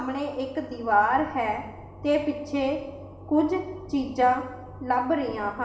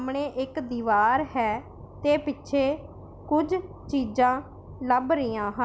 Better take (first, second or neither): second